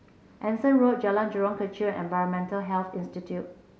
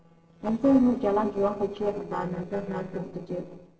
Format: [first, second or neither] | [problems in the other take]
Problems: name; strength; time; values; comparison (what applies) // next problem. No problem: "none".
first | noise reduction (neural separator model SepFormer DNS4)